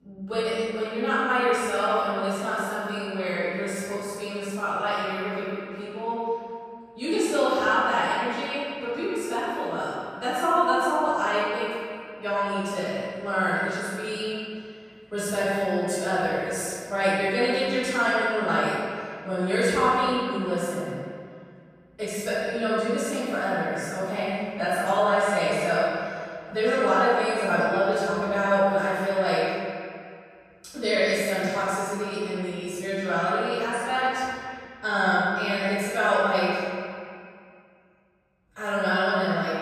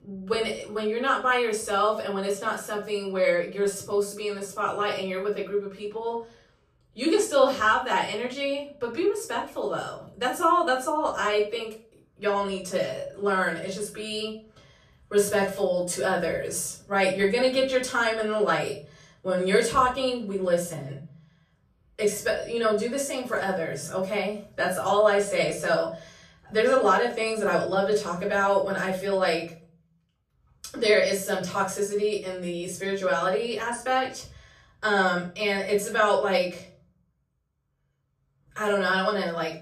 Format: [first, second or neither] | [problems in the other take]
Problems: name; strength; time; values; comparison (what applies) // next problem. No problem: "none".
second | room echo; strong; dies away in 2.2 s; slight in the second // off-mic speech; far; far in the second